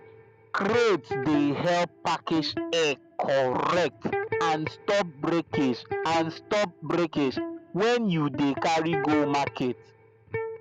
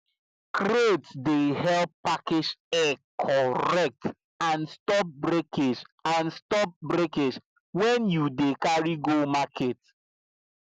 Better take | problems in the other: second | background sound (Electric guitar); 8 dB below the speech

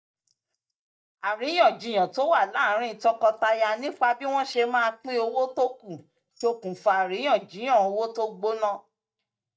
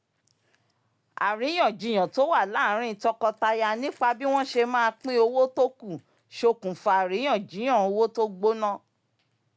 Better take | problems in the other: second | noise reduction (neural mask model DeepFilterNet 3)

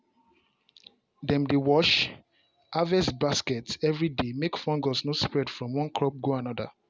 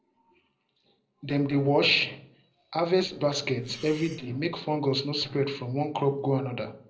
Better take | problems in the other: first | noise reduction (neural separator model SepFormer DNS4)

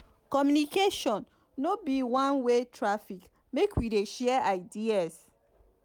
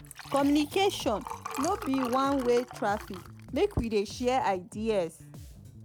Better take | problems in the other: first | background sound (Liquid + Bass guitar); 13 dB below the speech

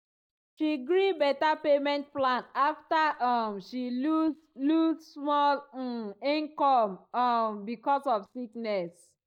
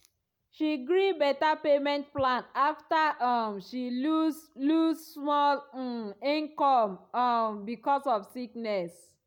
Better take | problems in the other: second | noise reduction (neural mask model DeepFilterNet 3)

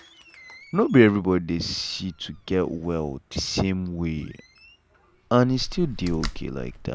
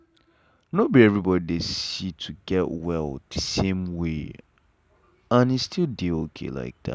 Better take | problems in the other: second | background sound (Slam); 15 dB below the speech

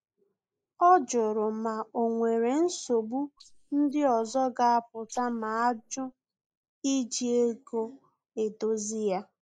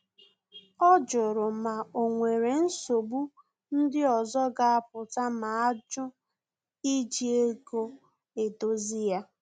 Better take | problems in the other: second | noise reduction (neural mask model Resemble Enhance denoiser)

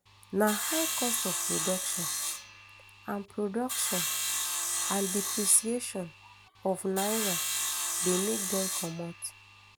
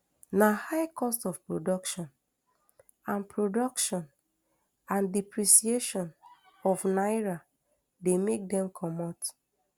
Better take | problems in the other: second | background sound (Sawing); 1 dB below the speech

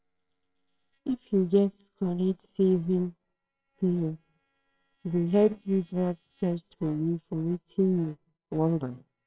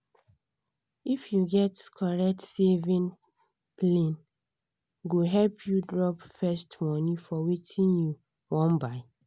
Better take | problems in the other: second | noise reduction (neural separator model SepFormer WHAMR!)

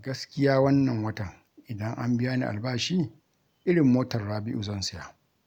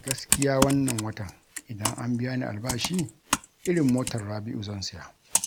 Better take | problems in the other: first | background sound (Computer keyboard); 4 dB below the speech

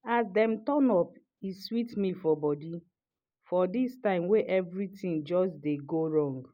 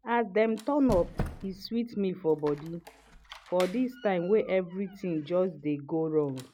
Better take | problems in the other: first | background sound (Squeak); 14 dB below the speech

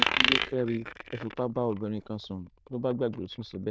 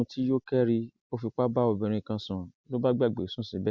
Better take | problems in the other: second | noise reduction (neural diffusion model UNIVERSE++)

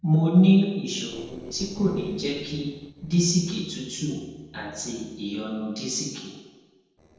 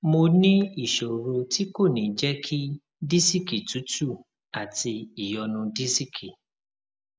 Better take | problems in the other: second | noise reduction (neural separator model SepFormer DNS4)

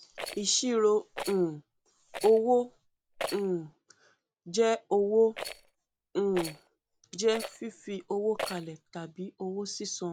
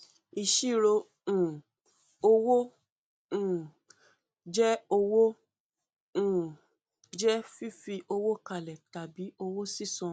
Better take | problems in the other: second | background sound (Rattle); 13 dB below the speech

